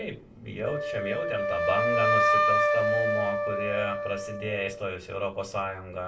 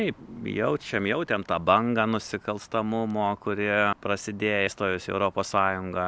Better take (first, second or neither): second